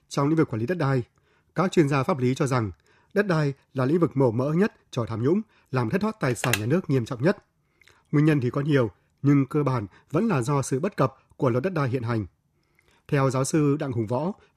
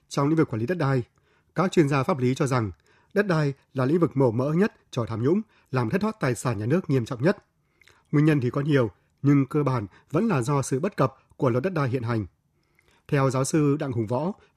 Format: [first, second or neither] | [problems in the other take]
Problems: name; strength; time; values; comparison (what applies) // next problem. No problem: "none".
second | phone ringing; noticeable; at 6.5 s; peak 3 dB below the speech